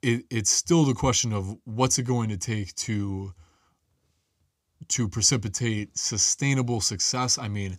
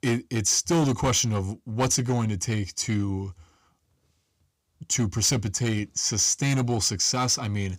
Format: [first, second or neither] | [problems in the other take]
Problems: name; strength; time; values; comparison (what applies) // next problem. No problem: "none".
first | distortion; slight; 7% of the sound clipped